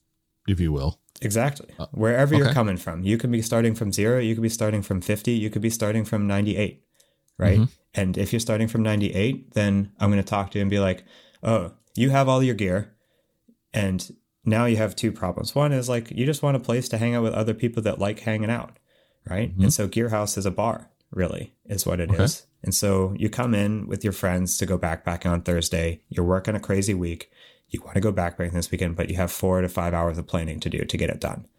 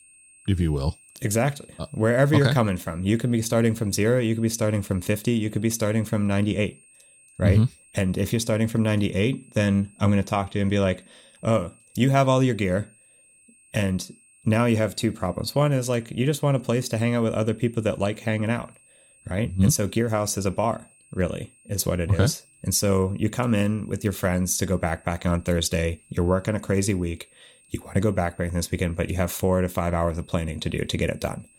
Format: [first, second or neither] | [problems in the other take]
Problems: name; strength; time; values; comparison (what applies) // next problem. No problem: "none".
first | high-pitched whine; faint; throughout; 8.5 kHz, 30 dB below the speech